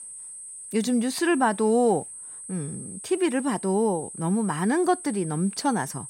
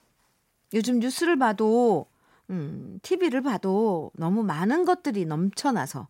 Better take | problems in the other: second | high-pitched whine; noticeable; throughout; 8 kHz, 10 dB below the speech

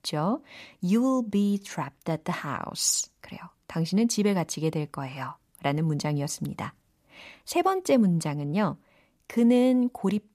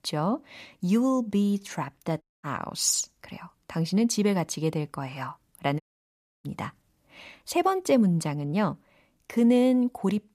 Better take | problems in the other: first | audio cutting out; at 2 s and at 6 s for 0.5 s

